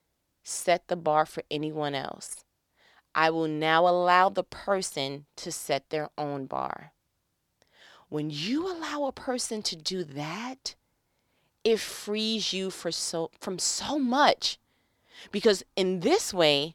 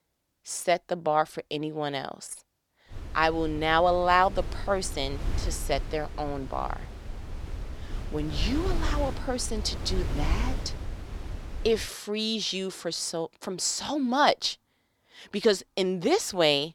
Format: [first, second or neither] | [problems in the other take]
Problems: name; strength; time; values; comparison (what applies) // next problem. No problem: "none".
first | wind noise on the microphone; occasional gusts; from 3 to 12 s; 15 dB below the speech